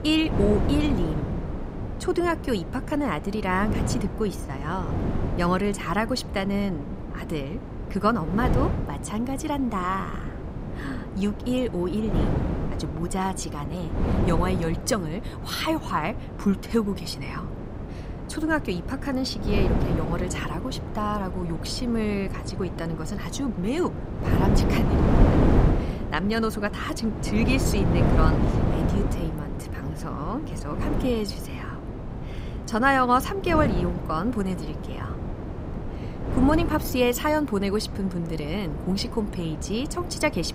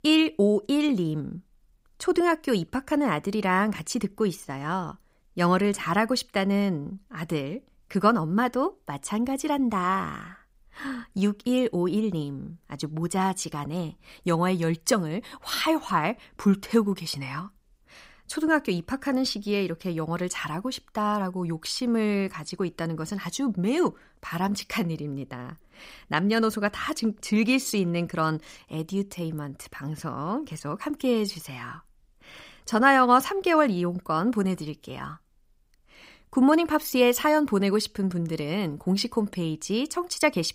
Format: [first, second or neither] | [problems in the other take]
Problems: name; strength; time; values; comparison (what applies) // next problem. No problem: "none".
second | wind noise on the microphone; heavy; 7 dB below the speech